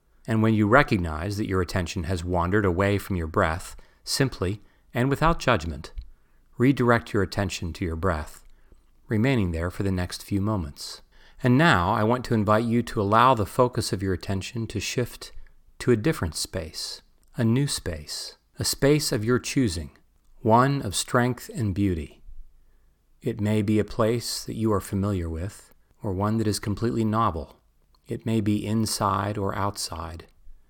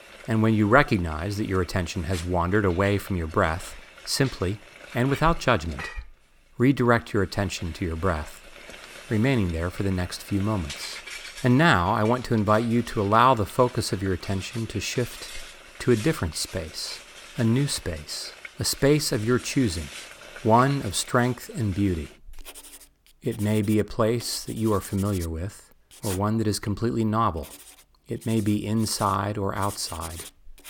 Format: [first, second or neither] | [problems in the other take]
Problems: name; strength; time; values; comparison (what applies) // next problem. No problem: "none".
first | household noises; noticeable; throughout; 15 dB below the speech